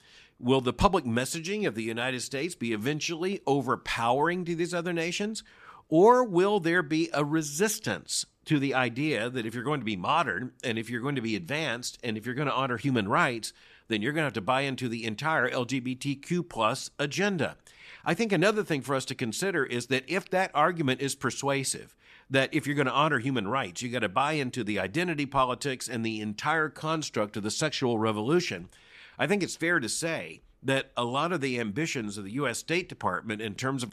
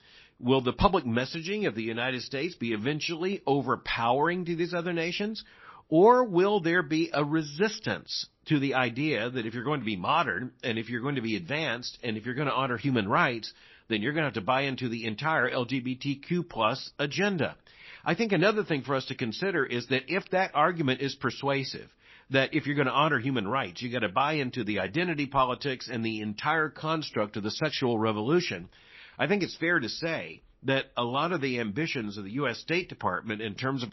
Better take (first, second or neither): first